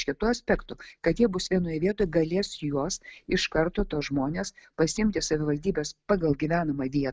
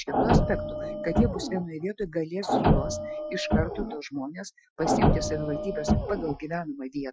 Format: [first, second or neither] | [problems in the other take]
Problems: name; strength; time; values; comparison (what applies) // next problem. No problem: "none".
first | noise reduction (classical method Wiener filter)